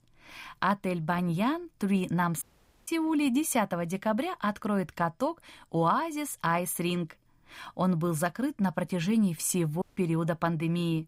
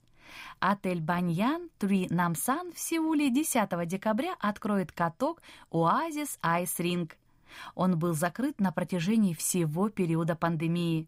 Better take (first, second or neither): second